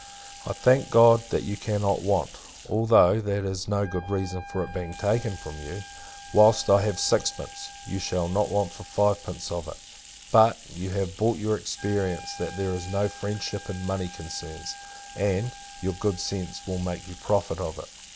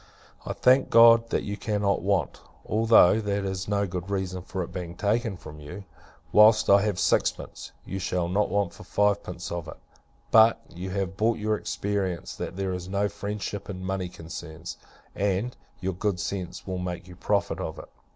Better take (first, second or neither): second